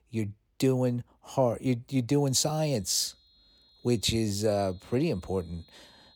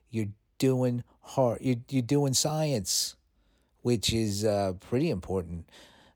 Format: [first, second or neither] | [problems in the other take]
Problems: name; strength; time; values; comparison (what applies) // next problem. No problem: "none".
second | high-pitched whine; faint; from 2 s on; 4 kHz, 30 dB below the speech